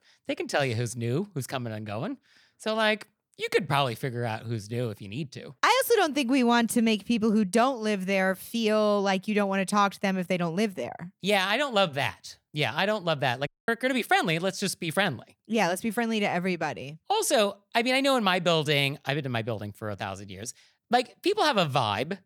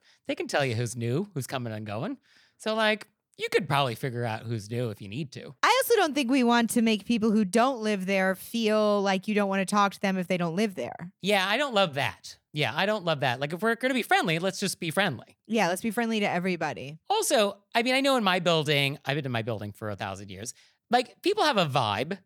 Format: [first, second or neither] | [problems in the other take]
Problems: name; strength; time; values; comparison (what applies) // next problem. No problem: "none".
second | audio cutting out; at 13 s